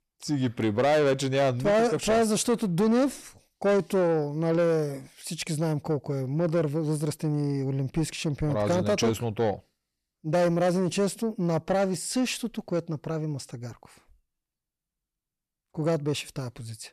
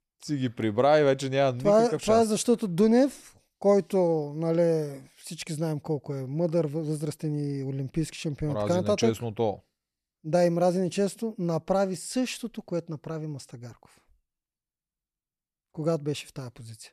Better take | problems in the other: second | distortion; slight; 10 dB below the speech

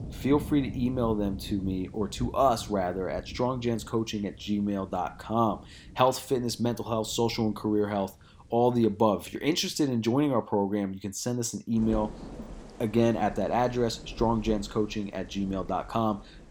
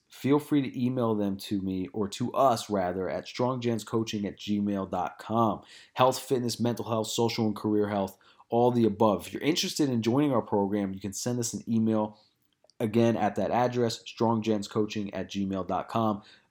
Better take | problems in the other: second | rain or running water; noticeable; throughout; 15 dB below the speech

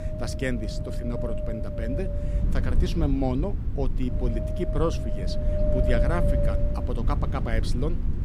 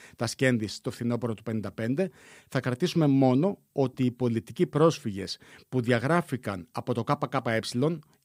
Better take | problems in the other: second | wind noise on the microphone; heavy; 1 dB below the speech

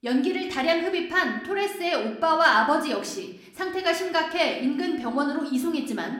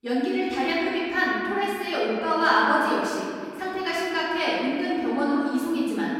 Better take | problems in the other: first | room echo; strong; dies away in 2.2 s; slight in the first // off-mic speech; far

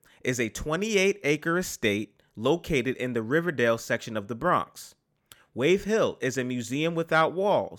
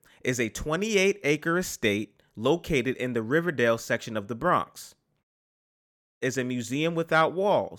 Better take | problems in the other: first | audio cutting out; at 5 s for 1 s

